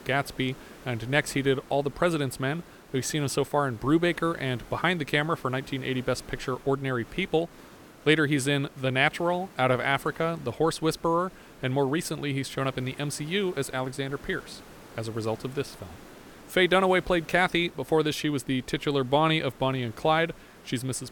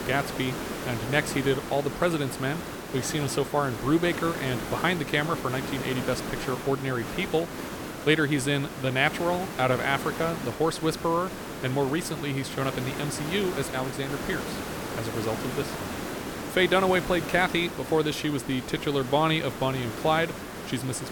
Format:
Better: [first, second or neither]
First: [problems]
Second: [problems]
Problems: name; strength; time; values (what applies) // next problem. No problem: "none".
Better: first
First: hiss; faint; throughout; 20 dB below the speech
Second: hiss; loud; throughout; 7 dB below the speech